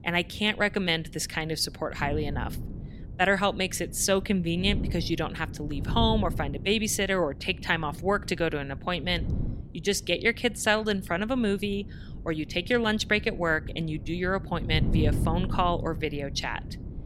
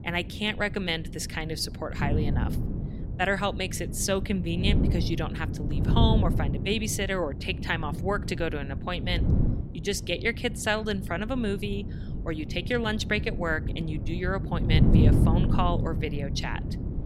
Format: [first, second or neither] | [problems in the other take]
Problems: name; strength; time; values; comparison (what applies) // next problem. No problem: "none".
first | wind noise on the microphone; heavy; 9 dB below the speech; occasional gusts in the first